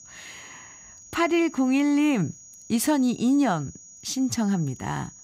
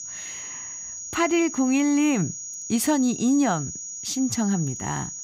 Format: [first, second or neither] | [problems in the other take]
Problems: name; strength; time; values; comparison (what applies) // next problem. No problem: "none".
first | high-pitched whine; loud; throughout; 6.5 kHz, 9 dB below the speech; faint in the first